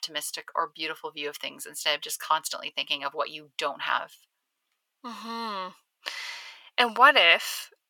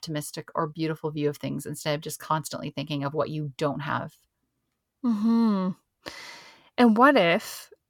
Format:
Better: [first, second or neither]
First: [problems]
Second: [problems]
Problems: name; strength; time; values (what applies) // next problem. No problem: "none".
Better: second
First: thin; very; fading below 850 Hz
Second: none